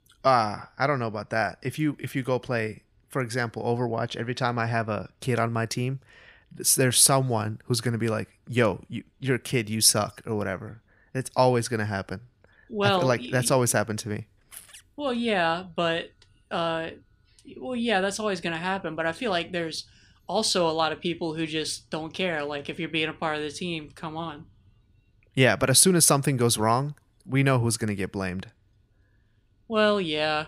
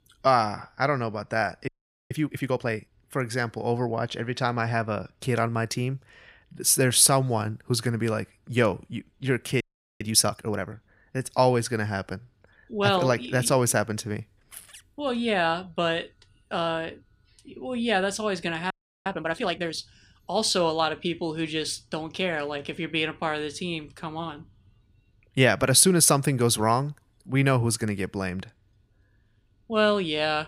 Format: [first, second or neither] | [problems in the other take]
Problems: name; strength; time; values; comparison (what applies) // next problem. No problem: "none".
first | audio freezing; at 1.5 s, at 9.5 s and at 19 s